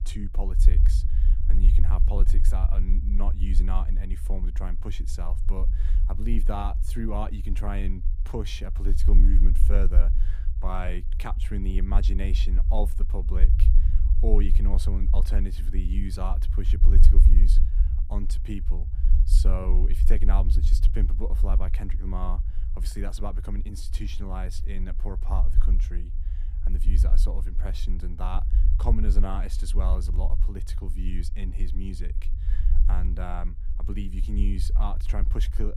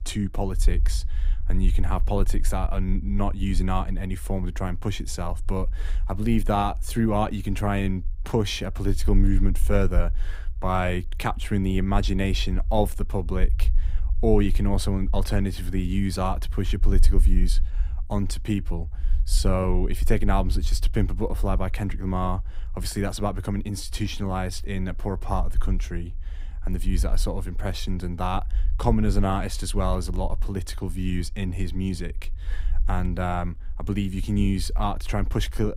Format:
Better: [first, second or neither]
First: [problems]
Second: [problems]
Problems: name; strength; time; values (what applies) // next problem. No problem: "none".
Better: second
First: low rumble; loud; throughout; 9 dB below the speech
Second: low rumble; faint; throughout; 25 dB below the speech